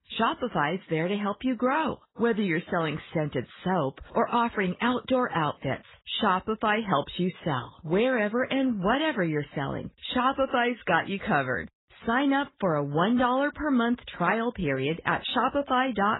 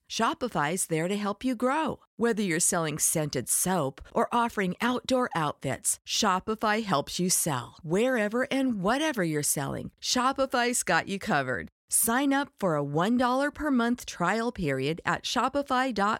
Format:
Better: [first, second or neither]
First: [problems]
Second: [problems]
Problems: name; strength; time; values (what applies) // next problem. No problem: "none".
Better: second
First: garbled, watery; badly; nothing above 4 kHz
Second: none